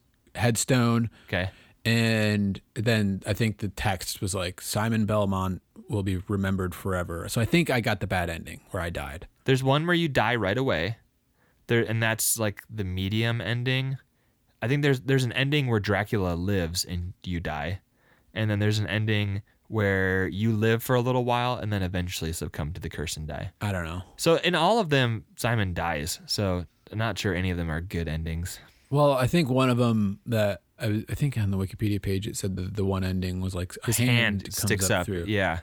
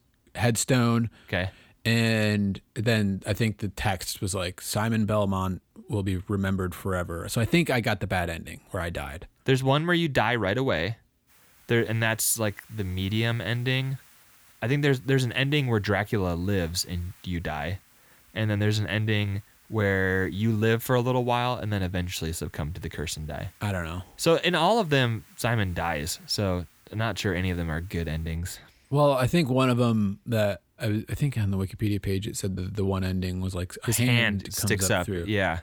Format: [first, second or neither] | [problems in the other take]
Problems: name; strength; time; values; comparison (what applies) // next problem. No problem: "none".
first | hiss; faint; from 11 to 28 s; 30 dB below the speech